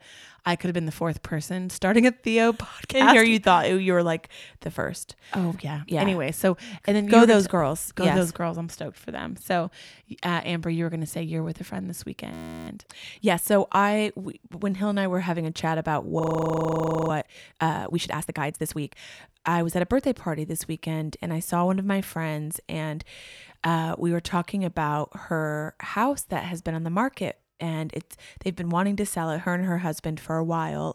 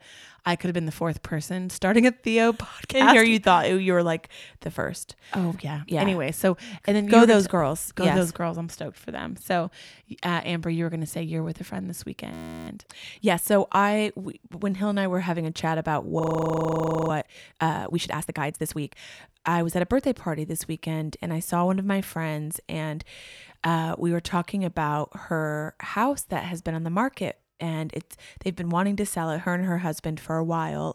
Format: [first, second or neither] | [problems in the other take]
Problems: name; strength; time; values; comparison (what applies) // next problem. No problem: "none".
neither | audio freezing; at 12 s and at 16 s for 1 s; the same in both